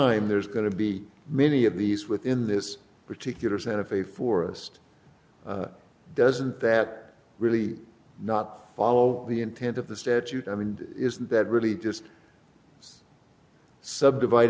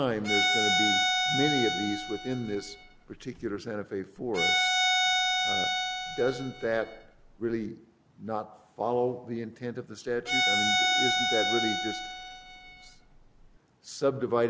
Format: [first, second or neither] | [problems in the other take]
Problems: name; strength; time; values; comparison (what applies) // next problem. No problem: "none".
first | background sound (Bowed string instrument); 4 dB above the speech